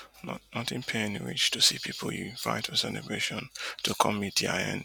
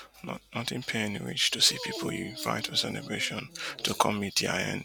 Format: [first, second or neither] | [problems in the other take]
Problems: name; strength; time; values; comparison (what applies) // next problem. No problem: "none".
first | background sound (Dog); 14 dB below the speech